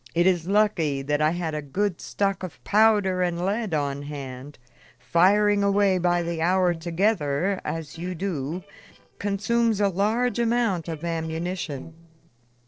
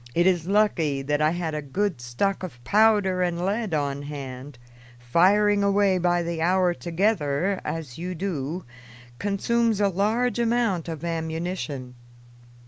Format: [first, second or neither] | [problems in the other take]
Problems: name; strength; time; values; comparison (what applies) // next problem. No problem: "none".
second | noise reduction (neural separator model SepFormer DNS4)